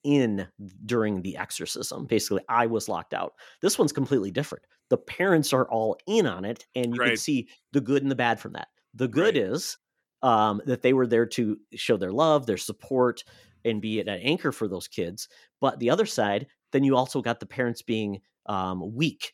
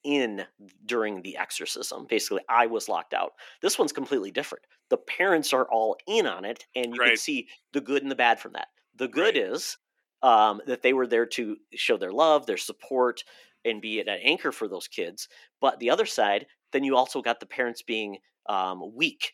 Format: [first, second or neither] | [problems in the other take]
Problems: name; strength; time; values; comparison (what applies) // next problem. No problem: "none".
first | thin; somewhat; fading below 300 Hz